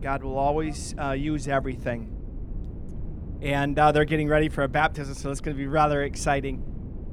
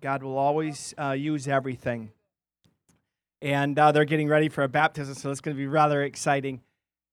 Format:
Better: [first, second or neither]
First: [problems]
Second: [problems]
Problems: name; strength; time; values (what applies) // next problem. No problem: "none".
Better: second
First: wind noise on the microphone; occasional gusts; 25 dB below the speech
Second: none